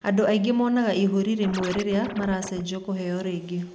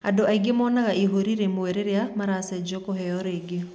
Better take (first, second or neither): second